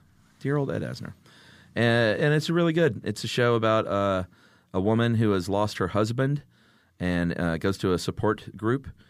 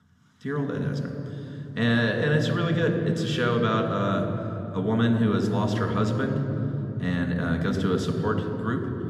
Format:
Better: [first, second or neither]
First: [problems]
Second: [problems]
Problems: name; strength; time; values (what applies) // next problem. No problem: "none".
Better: first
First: none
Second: room echo; noticeable; dies away in 3 s